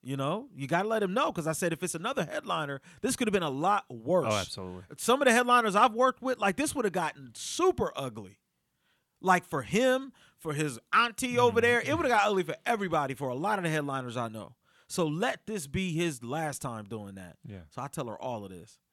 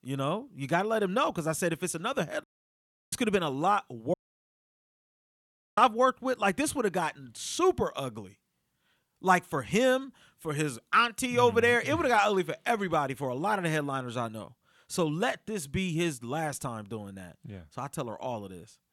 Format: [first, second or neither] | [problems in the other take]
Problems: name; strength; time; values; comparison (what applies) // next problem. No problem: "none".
first | audio cutting out; at 2.5 s for 0.5 s and at 4 s for 1.5 s